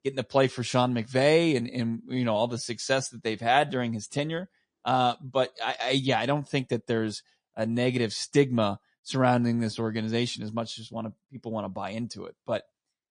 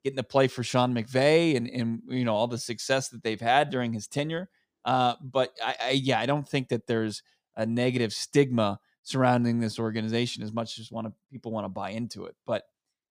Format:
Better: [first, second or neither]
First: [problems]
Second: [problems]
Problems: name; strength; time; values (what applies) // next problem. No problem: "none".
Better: second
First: garbled, watery; slightly; nothing above 9 kHz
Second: none